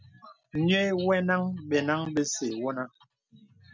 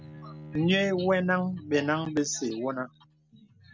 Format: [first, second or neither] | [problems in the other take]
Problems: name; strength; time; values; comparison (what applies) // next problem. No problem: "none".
first | background sound (Bowed string instrument); 18 dB below the speech